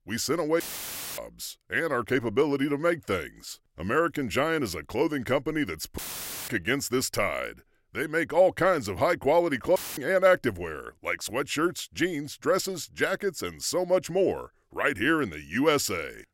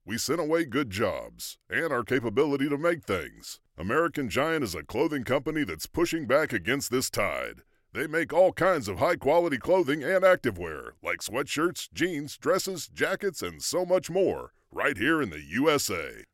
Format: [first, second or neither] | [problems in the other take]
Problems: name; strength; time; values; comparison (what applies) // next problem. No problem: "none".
second | audio cutting out; filled with static; at 0.5 s for 0.5 s, at 6 s for 0.5 s and at 10 s